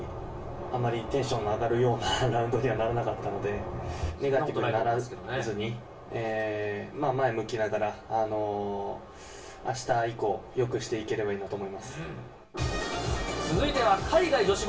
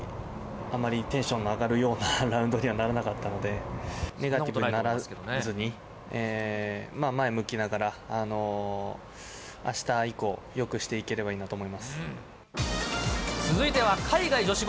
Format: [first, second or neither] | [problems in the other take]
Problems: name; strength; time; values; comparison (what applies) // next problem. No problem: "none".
second | room echo; dies away in 0.3 s